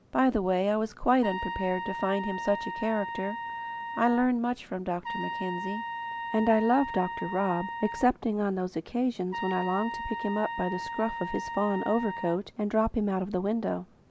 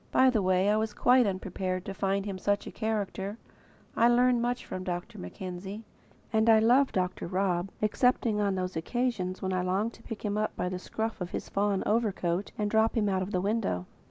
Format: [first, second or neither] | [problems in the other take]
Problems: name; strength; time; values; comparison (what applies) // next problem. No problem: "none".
second | background sound (Trumpet); 7 dB below the speech